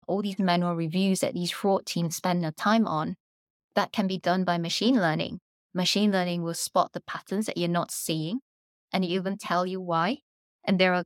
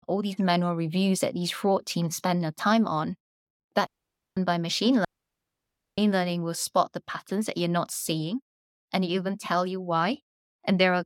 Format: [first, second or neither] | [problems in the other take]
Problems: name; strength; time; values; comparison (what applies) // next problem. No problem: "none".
first | audio cutting out; at 4 s for 0.5 s and at 5 s for 1 s